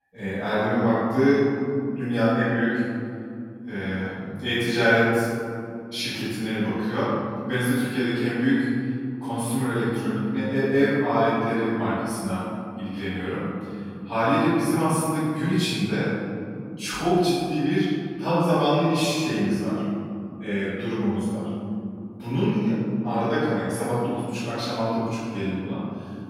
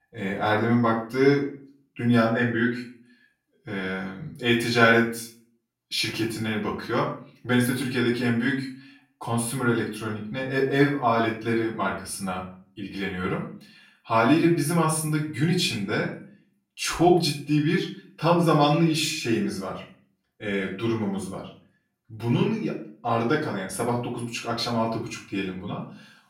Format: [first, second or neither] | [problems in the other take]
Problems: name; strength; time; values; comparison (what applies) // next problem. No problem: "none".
second | room echo; strong; dies away in 2.9 s; slight in the second // off-mic speech; far; far in the second